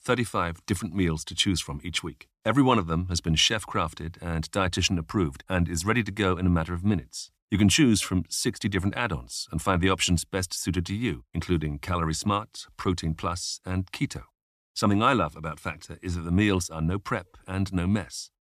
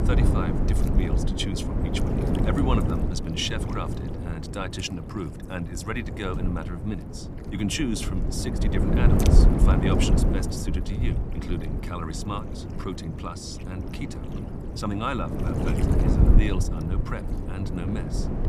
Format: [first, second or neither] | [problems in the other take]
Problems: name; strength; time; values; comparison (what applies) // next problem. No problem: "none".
first | wind noise on the microphone; heavy; 1 dB below the speech